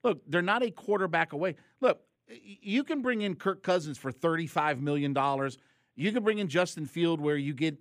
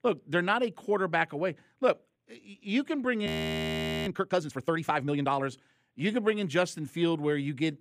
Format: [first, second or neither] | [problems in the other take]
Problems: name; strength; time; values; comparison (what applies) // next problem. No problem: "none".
first | audio freezing; at 3.5 s for 1 s